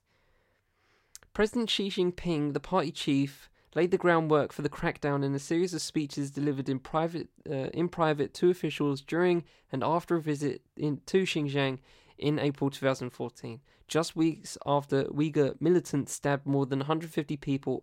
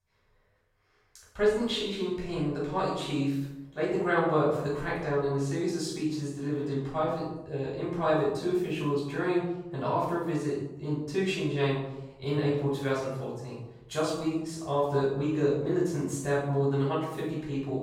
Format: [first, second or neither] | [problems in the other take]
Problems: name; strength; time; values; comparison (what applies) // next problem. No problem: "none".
first | off-mic speech; far // room echo; noticeable; dies away in 0.8 s